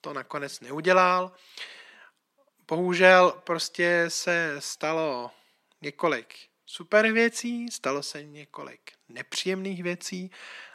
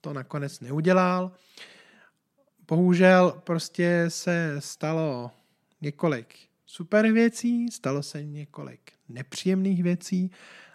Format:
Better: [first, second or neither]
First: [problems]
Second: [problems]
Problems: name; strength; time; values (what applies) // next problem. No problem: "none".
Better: second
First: thin; somewhat; fading below 350 Hz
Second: none